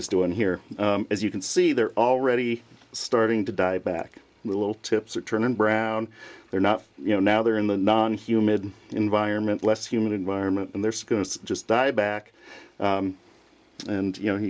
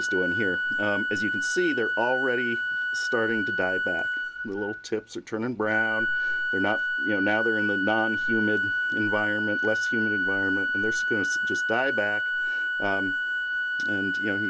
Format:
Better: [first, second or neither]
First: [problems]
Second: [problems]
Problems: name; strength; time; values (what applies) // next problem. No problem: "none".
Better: first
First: none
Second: background sound (Organ); 3 dB above the speech